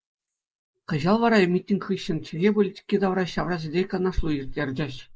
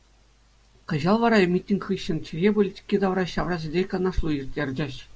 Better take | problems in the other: second | noise reduction (neural mask model Resemble Enhance denoiser)

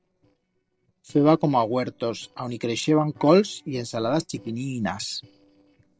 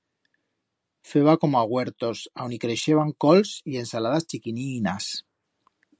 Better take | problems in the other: second | noise reduction (neural separator model SepFormer DNS4)

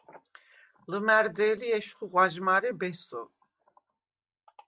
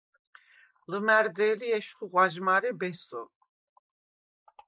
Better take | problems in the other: first | noise reduction (neural mask model Resemble Enhance denoiser)

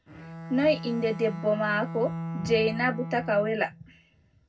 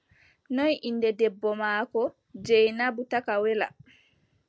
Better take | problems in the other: second | background sound (Bowed string instrument); 9 dB below the speech // room echo; dies away in 0.4 s

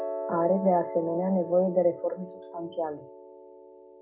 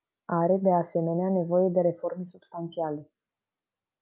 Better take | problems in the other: second | background sound (Piano); 10 dB below the speech // room echo; dies away in 0.2 s

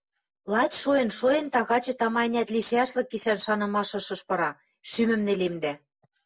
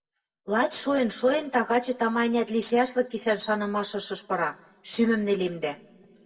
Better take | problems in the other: first | room echo; dies away in 1.5 s

